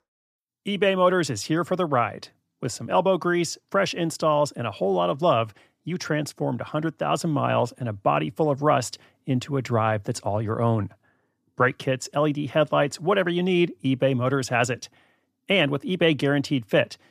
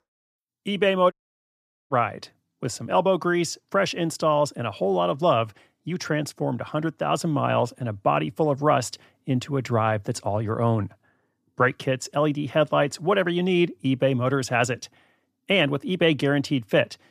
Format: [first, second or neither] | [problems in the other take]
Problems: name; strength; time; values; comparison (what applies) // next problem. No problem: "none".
first | audio cutting out; at 1 s for 1 s